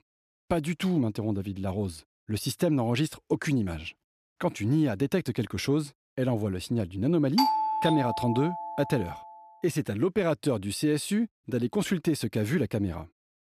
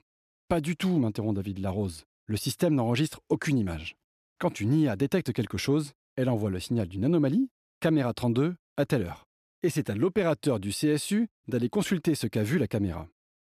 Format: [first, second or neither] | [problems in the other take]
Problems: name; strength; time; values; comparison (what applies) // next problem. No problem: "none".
second | doorbell; loud; from 7.5 to 9 s; peak 3 dB above the speech